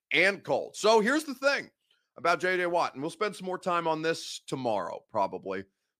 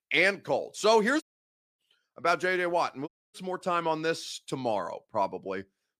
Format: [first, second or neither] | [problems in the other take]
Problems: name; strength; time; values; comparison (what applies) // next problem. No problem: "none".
first | audio cutting out; at 1 s for 0.5 s and at 3 s